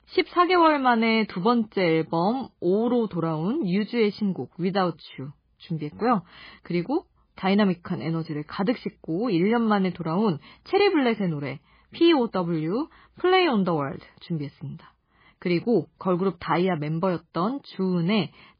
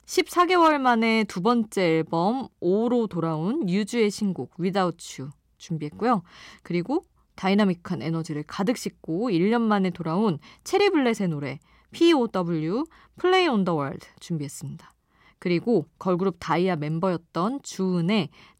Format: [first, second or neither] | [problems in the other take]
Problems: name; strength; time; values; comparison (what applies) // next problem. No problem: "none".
second | garbled, watery; badly; nothing above 4.5 kHz